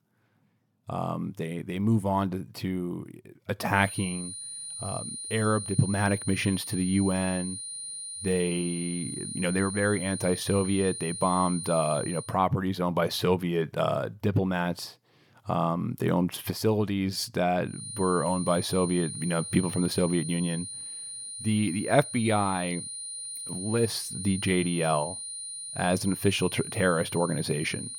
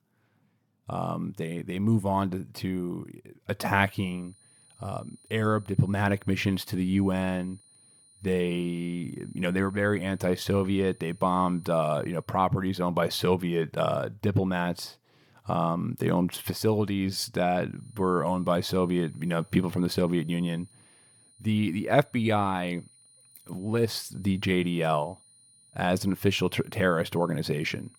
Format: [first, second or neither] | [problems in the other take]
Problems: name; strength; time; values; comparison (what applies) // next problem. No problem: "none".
second | high-pitched whine; loud; from 4 to 12 s and from 18 s on; 9.5 kHz, 7 dB below the speech; faint in the second